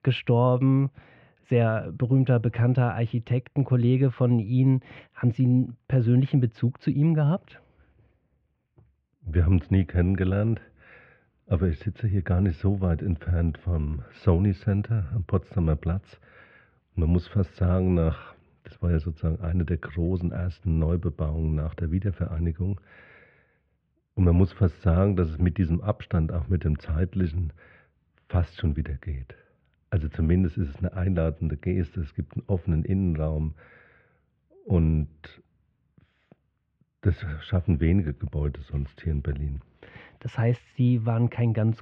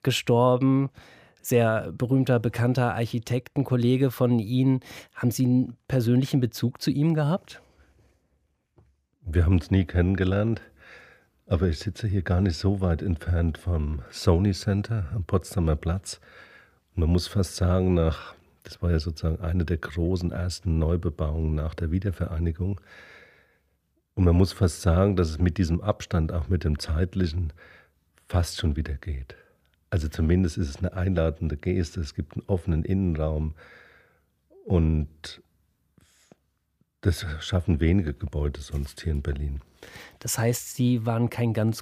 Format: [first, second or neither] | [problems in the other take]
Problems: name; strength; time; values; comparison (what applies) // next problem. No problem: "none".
second | muffled; very; fading above 3 kHz